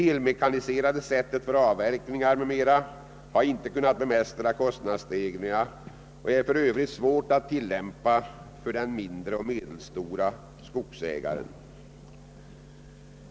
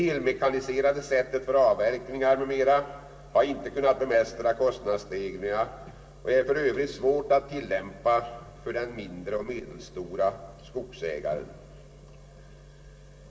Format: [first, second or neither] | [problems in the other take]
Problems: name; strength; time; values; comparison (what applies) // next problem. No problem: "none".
first | room echo; dies away in 2.5 s